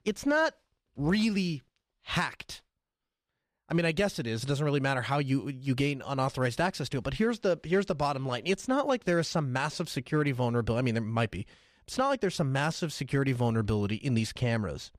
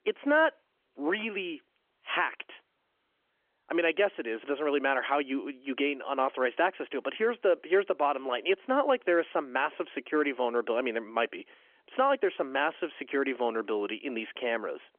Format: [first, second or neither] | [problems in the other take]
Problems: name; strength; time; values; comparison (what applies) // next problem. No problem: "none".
first | phone-call audio; nothing above 3 kHz